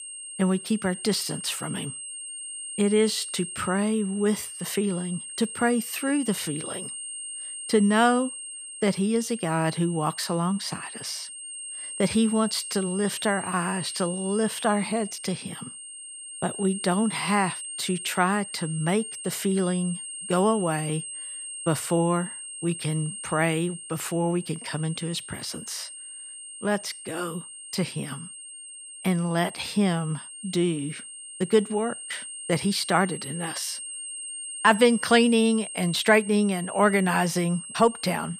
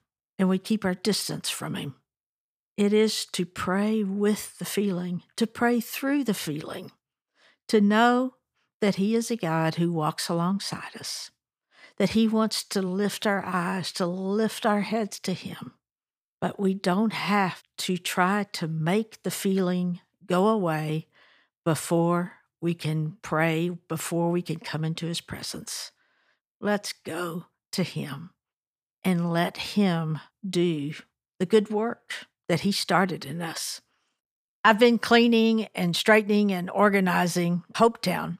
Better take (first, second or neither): second